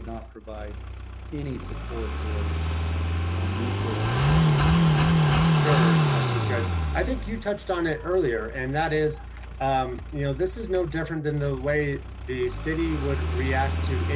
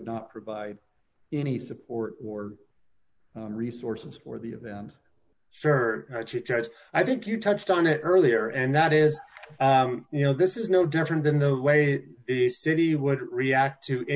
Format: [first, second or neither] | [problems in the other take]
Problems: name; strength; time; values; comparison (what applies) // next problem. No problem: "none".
second | background sound (Car passing by / Idling); 4 dB above the speech